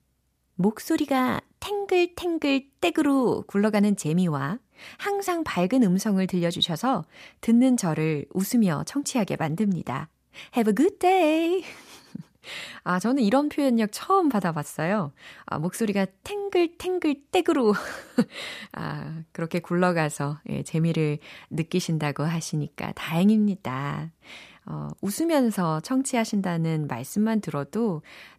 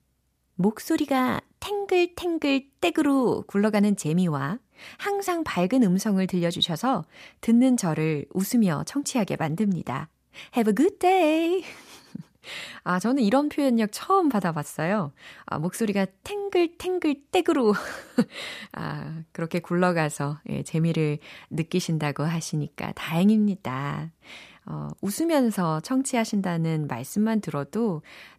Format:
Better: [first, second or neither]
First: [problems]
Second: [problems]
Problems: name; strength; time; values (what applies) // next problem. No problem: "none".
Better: neither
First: none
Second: none